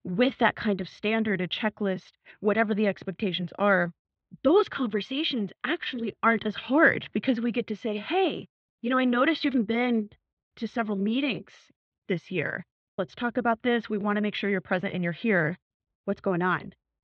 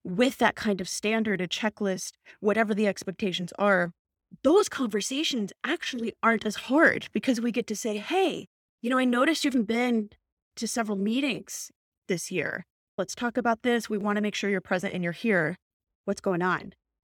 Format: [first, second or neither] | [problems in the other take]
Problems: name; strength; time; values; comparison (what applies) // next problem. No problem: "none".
second | muffled; slightly; fading above 4 kHz